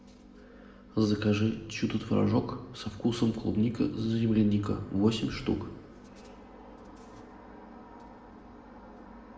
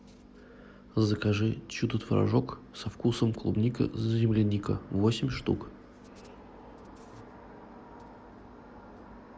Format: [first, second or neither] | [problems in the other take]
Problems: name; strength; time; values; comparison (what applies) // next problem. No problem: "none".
second | room echo; dies away in 0.7 s